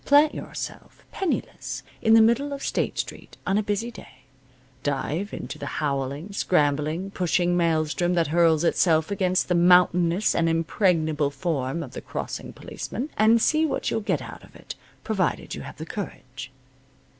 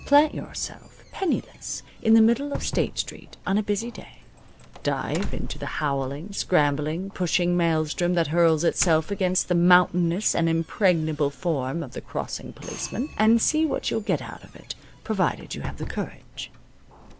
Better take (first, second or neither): first